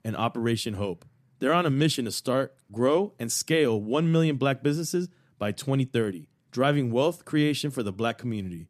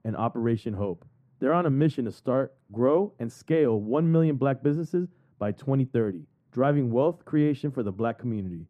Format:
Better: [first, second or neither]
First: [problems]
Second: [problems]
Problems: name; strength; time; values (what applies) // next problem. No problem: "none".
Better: first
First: none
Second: muffled; very; fading above 2.5 kHz